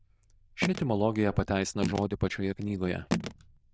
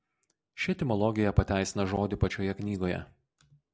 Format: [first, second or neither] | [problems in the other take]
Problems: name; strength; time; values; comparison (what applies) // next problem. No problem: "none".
second | noise reduction (neural diffusion model UNIVERSE++)